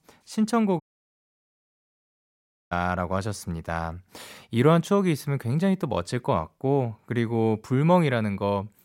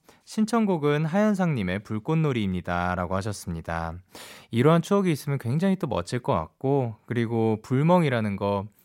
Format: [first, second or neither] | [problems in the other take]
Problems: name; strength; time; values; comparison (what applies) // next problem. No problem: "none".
second | audio cutting out; at 1 s for 2 s